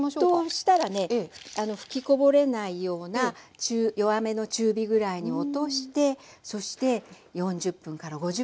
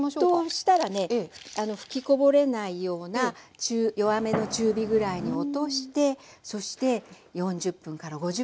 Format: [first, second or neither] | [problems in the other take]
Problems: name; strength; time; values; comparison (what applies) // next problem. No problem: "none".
first | background sound (Fireworks); 8 dB below the speech